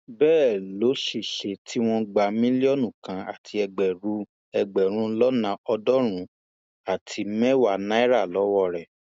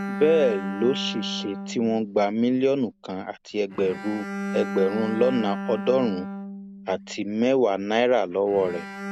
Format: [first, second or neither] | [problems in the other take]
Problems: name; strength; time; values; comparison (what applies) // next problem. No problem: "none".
first | background sound (Bowed string instrument); 9 dB below the speech